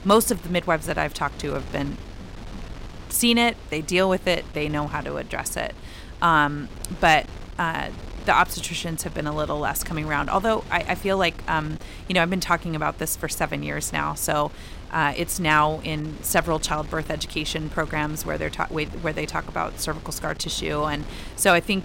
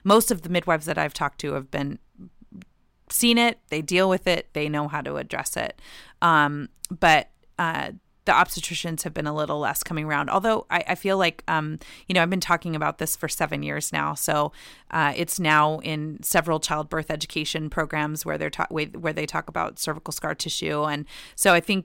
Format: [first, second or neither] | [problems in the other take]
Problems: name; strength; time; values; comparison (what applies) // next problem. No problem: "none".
second | wind noise on the microphone; occasional gusts; 20 dB below the speech